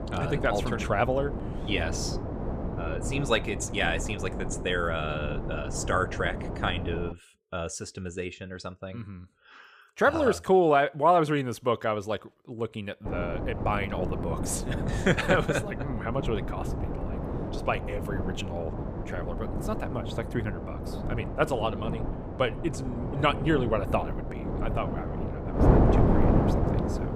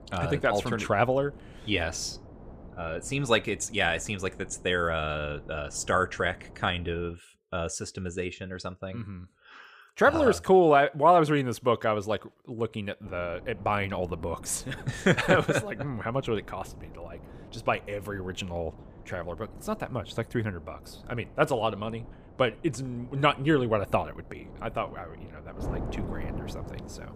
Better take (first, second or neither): second